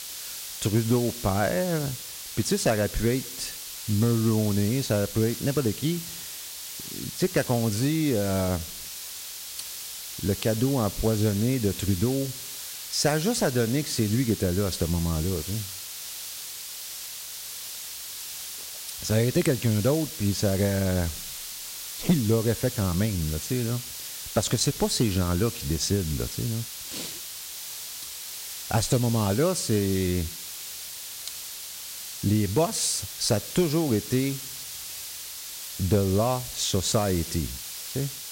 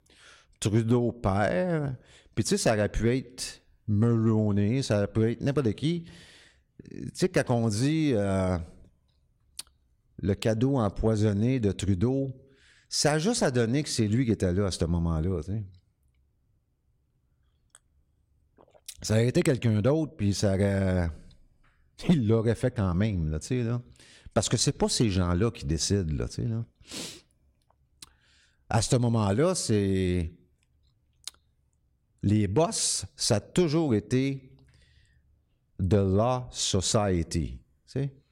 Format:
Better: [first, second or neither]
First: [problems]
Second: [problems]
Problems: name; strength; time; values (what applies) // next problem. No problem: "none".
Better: second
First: hiss; loud; throughout; 8 dB below the speech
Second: none